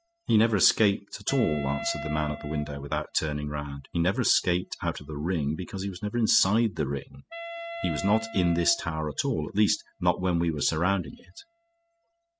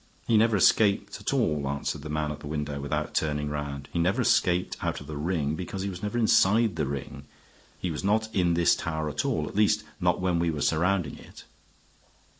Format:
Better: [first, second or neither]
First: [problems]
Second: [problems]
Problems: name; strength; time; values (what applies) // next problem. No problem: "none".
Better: second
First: noise reduction (classical method spectral subtraction)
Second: none